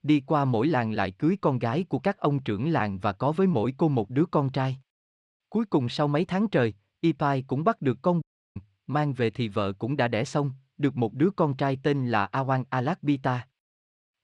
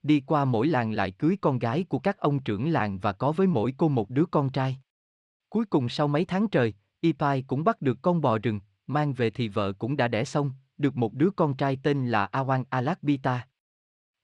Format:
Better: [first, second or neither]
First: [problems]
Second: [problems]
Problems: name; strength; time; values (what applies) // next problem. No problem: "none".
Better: second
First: audio cutting out; at 8 s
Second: none